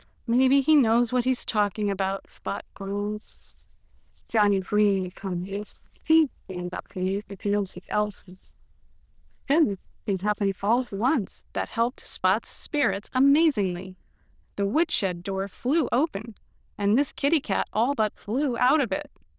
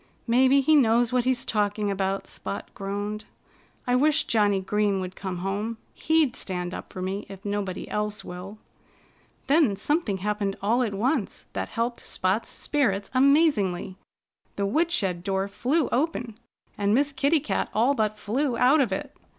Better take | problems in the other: second | noise reduction (neural diffusion model UNIVERSE++)

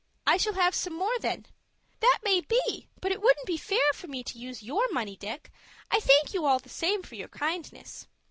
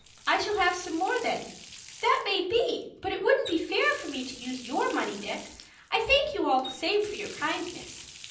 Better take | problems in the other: first | background sound (Water tap, faucet); 17 dB below the speech // room echo; dies away in 0.6 s

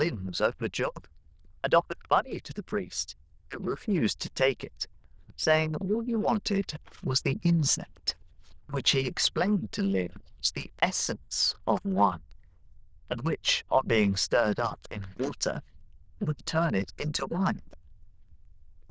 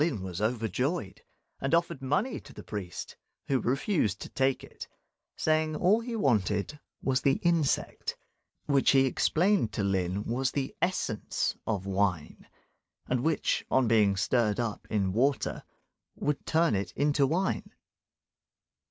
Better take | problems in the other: second | noise reduction (neural diffusion model UNIVERSE++)

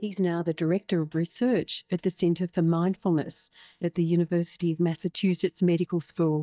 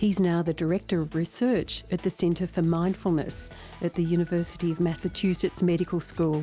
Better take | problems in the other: second | noise reduction (neural mask model DeepFilterNet 3)

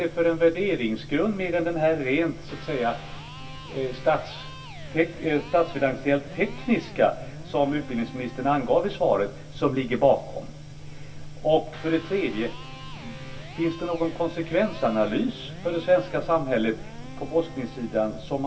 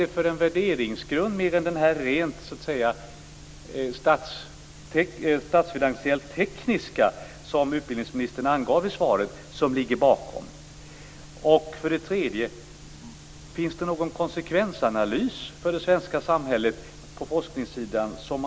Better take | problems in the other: second | background sound (Electric guitar); 19 dB below the speech // room echo; dies away in 0.2 s

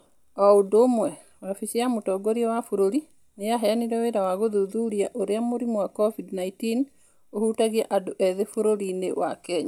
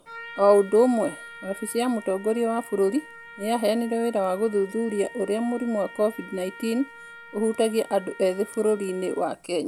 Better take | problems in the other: first | background sound (Trumpet); 19 dB below the speech

